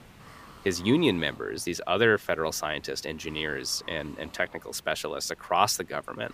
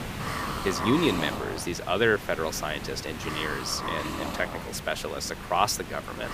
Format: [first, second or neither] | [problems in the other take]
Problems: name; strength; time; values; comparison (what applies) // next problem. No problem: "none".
first | hiss; loud; throughout; 6 dB below the speech; faint in the first